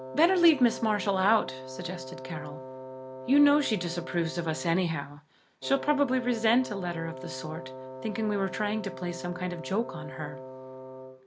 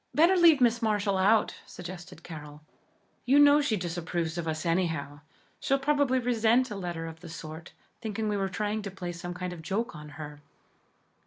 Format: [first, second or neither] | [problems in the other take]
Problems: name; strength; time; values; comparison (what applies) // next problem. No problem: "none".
second | background sound (Wind instrument, woodwind instrument); 12 dB below the speech